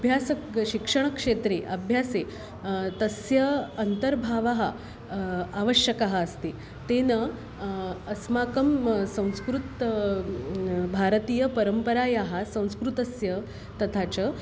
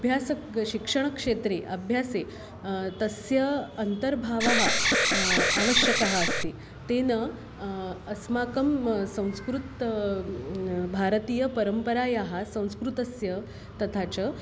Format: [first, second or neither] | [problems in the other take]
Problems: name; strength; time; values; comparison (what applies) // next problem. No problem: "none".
first | background sound (Alarm); 4 dB above the speech